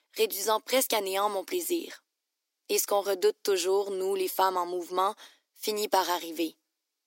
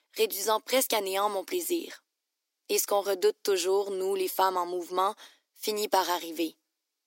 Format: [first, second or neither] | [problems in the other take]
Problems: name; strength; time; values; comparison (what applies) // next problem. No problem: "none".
neither | thin; very; fading below 300 Hz; the same in both